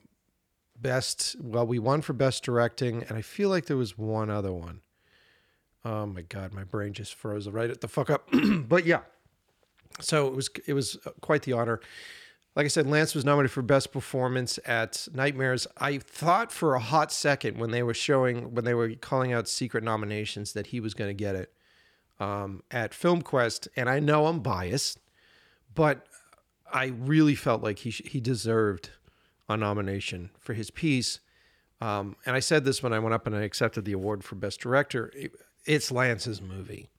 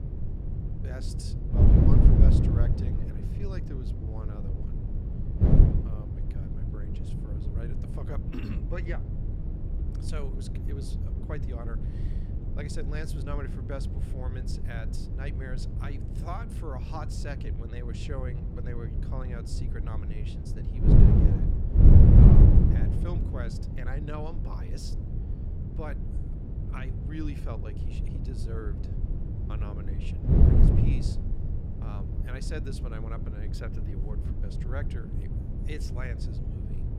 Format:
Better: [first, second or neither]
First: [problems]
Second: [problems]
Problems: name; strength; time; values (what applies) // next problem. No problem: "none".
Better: first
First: none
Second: wind noise on the microphone; heavy; 4 dB above the speech